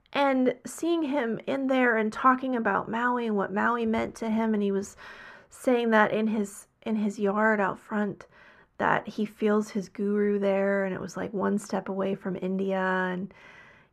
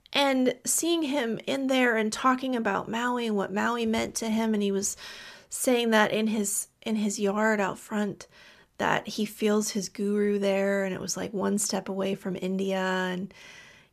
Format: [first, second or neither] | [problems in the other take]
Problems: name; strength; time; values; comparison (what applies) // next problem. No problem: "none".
second | muffled; very; fading above 2.5 kHz